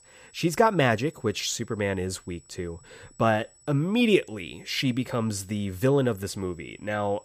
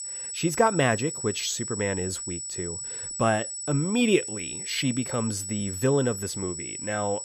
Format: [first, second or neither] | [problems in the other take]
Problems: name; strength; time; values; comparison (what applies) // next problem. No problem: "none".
first | high-pitched whine; loud; throughout; 8 kHz, 5 dB below the speech; faint in the first